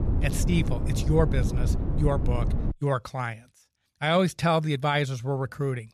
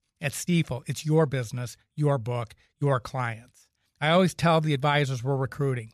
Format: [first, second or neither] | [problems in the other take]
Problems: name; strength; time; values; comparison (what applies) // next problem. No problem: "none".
second | wind noise on the microphone; occasional gusts; until 2.5 s; 10 dB below the speech